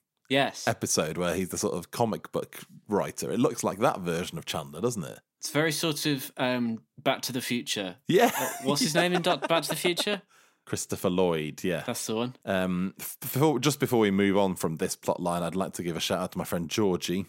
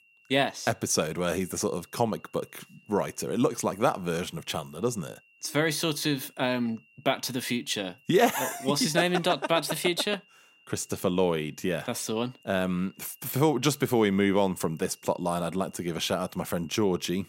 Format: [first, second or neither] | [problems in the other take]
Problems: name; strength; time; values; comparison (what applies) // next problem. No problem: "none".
first | high-pitched whine; faint; throughout; 3 kHz, 30 dB below the speech